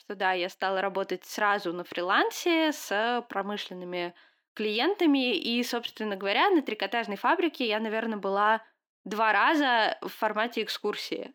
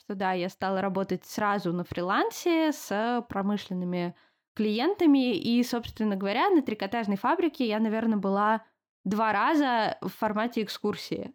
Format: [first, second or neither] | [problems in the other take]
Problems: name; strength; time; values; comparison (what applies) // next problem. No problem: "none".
second | thin; very slightly; fading below 300 Hz